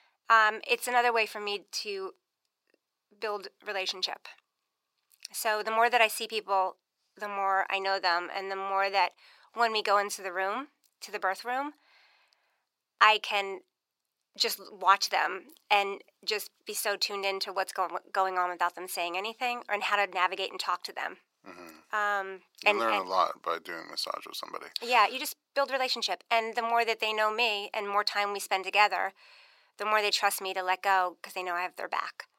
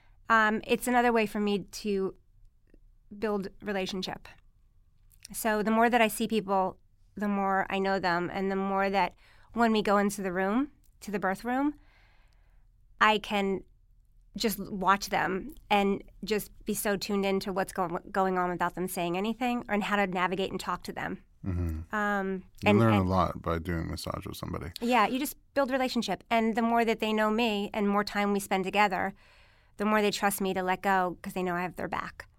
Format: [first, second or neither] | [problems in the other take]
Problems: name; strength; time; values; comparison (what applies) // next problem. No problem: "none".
second | thin; very; fading below 450 Hz